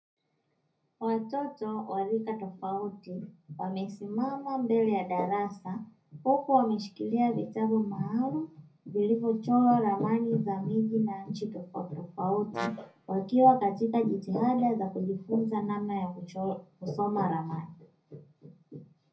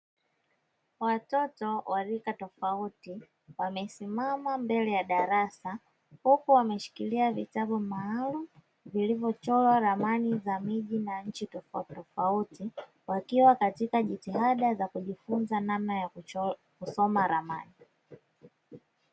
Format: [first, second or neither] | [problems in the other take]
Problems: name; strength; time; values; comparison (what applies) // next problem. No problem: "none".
second | background sound (Brass instrument); 11 dB below the speech // room echo; dies away in 0.4 s